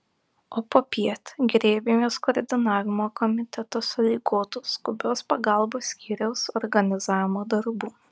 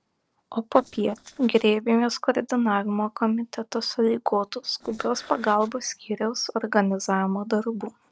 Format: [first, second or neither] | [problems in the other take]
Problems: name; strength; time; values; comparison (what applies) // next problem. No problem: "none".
first | noise reduction (neural separator model SepFormer DNS4)